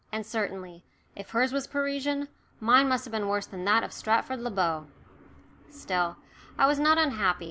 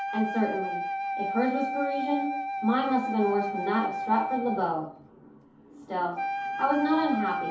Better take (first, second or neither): first